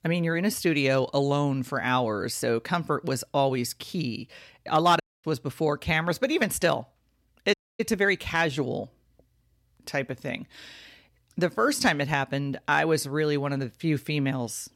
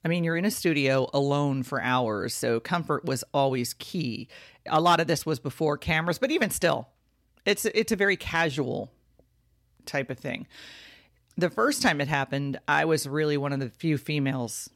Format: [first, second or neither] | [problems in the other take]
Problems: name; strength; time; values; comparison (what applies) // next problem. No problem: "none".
second | audio cutting out; at 5 s and at 7.5 s